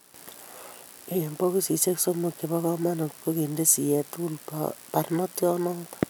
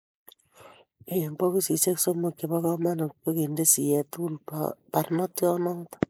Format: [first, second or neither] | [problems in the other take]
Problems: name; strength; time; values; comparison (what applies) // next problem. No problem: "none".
first | noise reduction (neural mask model Resemble Enhance denoiser)